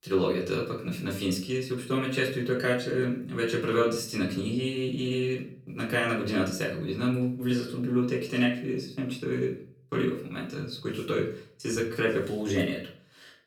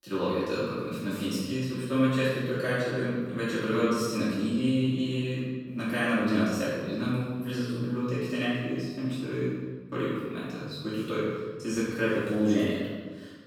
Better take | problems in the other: first | room echo; strong; dies away in 1.3 s; slight in the first // off-mic speech; far; far in the first

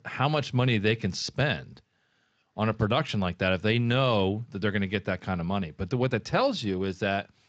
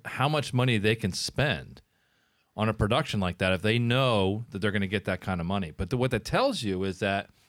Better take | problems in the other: second | garbled, watery; slightly

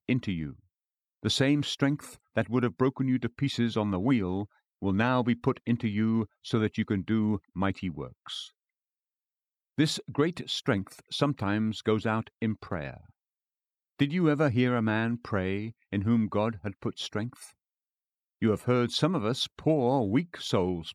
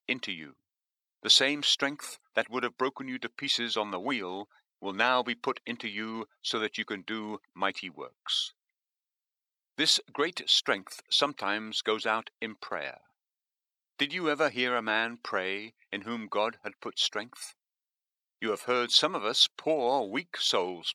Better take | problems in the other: first | thin; somewhat; fading below 550 Hz

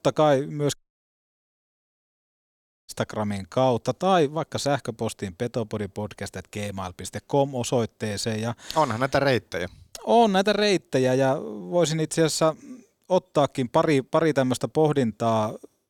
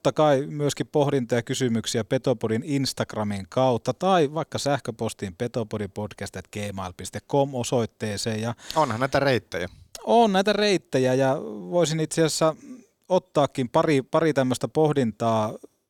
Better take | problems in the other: second | audio cutting out; at 1 s for 2 s

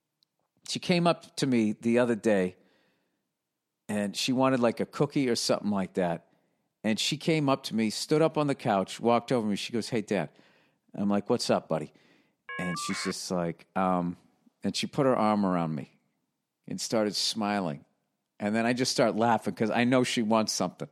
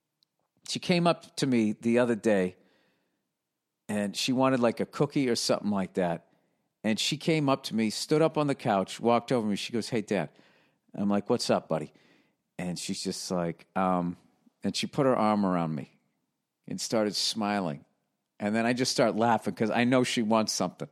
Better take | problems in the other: second | phone ringing; noticeable; at 12 s; peak 8 dB below the speech

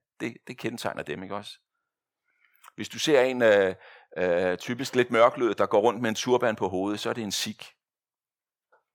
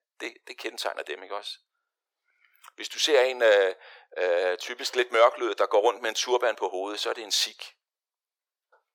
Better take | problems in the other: first | thin; very; fading below 350 Hz

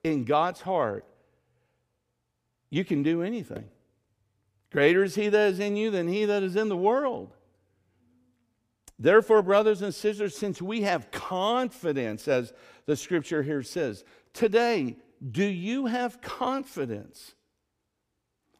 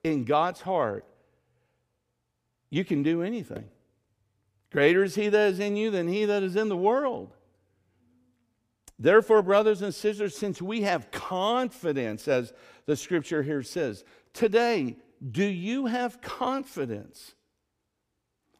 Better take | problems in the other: neither | none

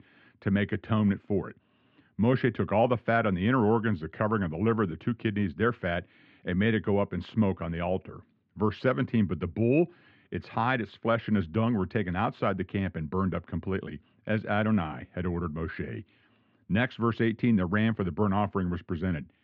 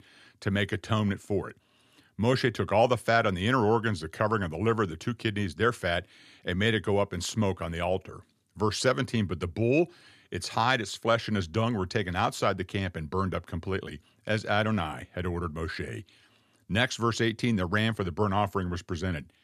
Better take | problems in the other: second | muffled; very; fading above 3 kHz

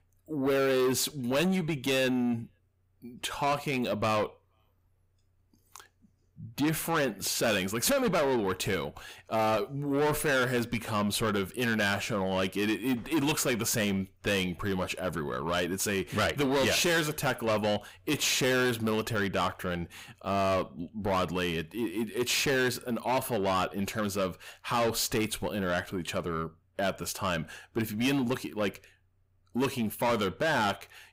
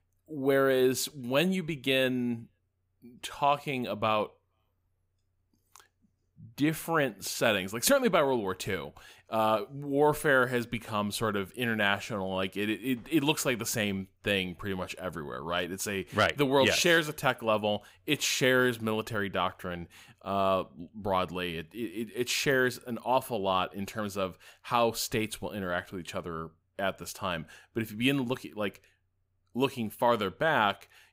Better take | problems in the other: second | distortion; heavy; 7 dB below the speech

